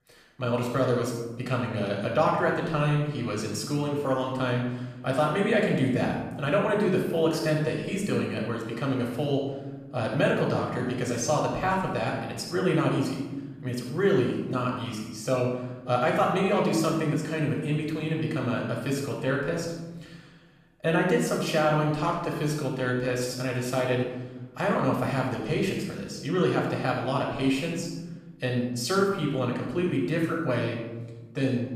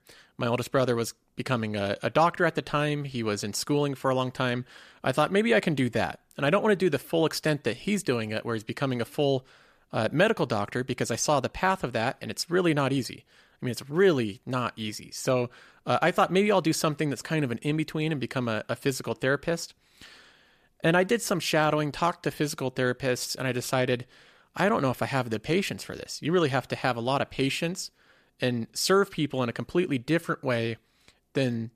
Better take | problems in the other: second | off-mic speech; far // room echo; noticeable; dies away in 1.2 s

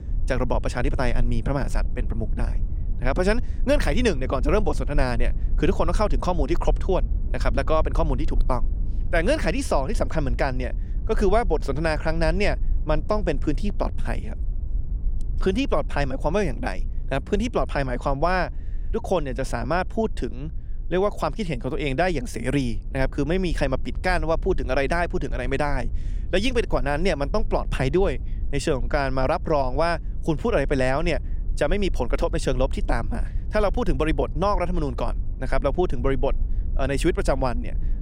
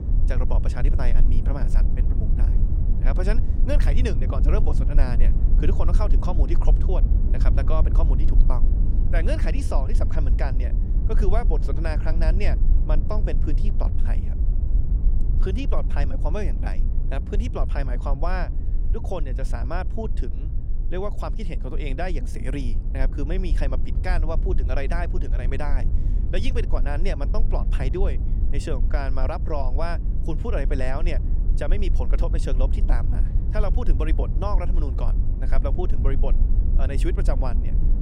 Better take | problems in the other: first | low rumble; loud; throughout; 9 dB below the speech; faint in the first

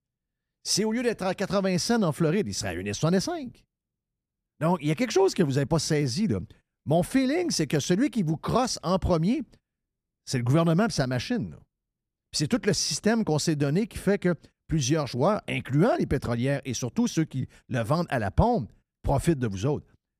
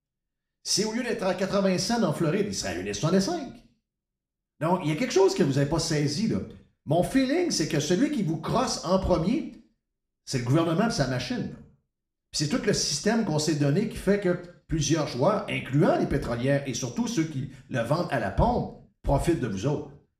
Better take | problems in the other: first | room echo; slight; dies away in 0.5 s

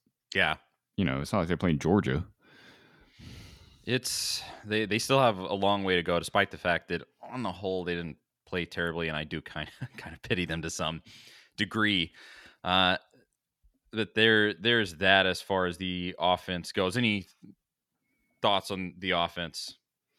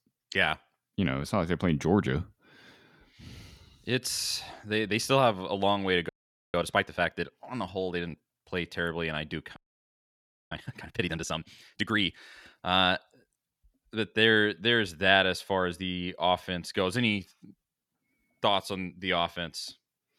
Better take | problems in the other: first | audio freezing; at 6 s and at 9.5 s for 1 s

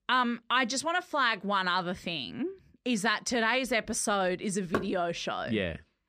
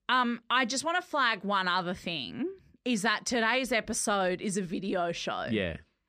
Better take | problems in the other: second | door banging; noticeable; at 4.5 s; peak 6 dB below the speech

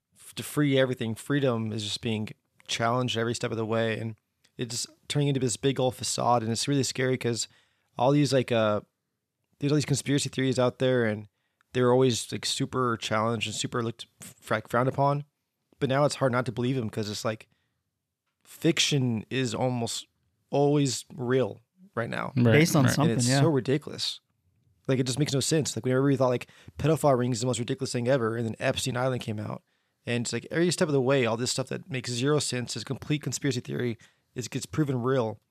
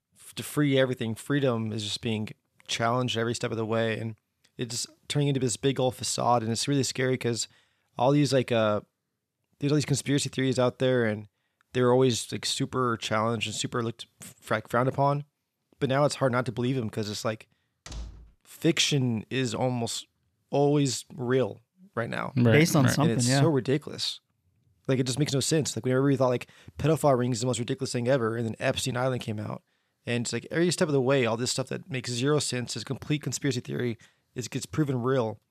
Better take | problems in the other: first | door banging; faint; at 18 s; peak 15 dB below the speech

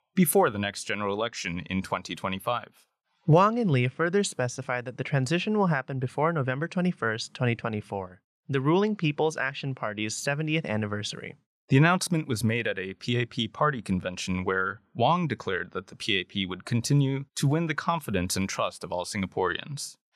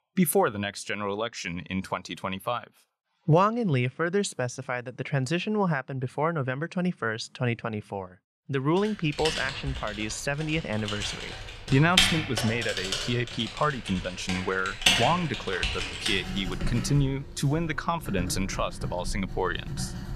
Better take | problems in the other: first | household noises; loud; from 9 s on; 2 dB below the speech

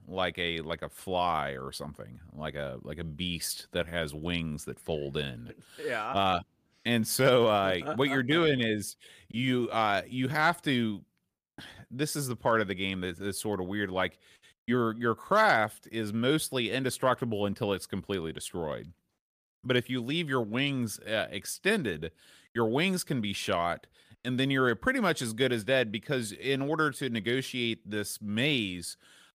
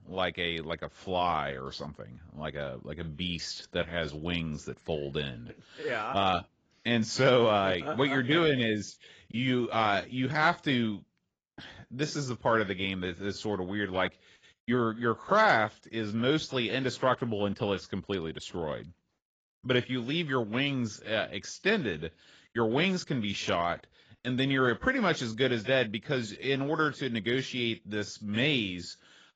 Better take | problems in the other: first | garbled, watery; badly; nothing above 7.5 kHz

